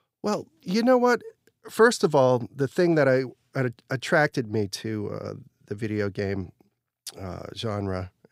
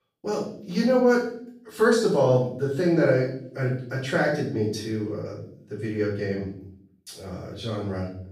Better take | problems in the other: first | off-mic speech; far // room echo; noticeable; dies away in 0.6 s

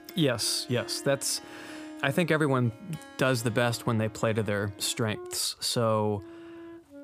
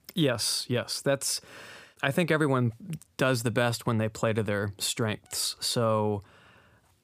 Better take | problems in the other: second | background music; noticeable; throughout; 20 dB below the speech

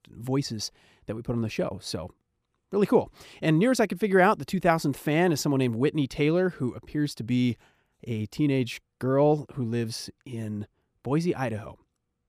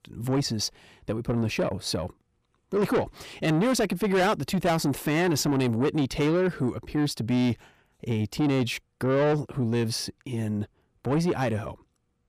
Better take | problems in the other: first | distortion; heavy; 8 dB below the speech

